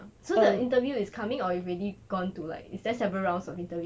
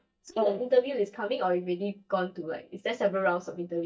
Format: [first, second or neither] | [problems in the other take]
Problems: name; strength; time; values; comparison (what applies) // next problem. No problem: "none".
first | noise reduction (neural mask model DeepFilterNet 3)